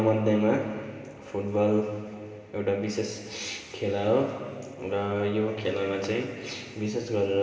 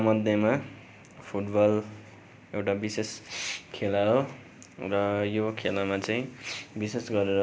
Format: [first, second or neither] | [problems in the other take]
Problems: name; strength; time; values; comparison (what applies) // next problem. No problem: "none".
second | room echo; dies away in 2.3 s